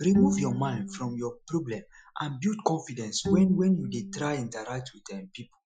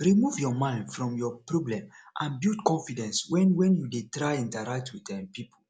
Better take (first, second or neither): second